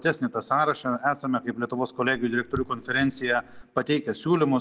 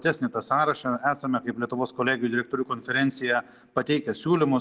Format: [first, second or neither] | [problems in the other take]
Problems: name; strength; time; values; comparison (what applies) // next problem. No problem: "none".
second | background sound (Raindrop / Drip); 16 dB below the speech